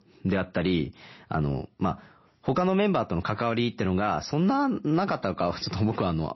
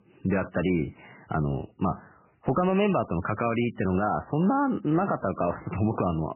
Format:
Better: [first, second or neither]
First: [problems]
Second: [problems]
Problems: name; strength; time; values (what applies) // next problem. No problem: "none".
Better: first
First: garbled, watery; slightly; nothing above 5.5 kHz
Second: garbled, watery; badly; nothing above 3 kHz